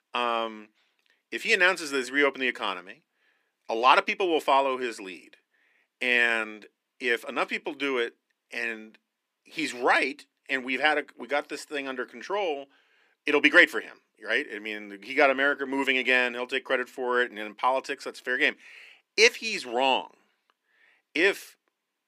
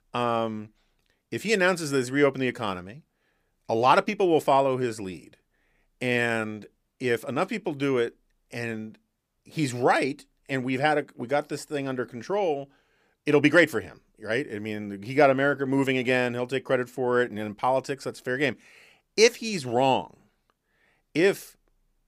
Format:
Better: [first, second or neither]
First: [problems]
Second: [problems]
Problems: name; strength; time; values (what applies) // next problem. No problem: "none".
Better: second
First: thin; very slightly; fading below 250 Hz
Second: none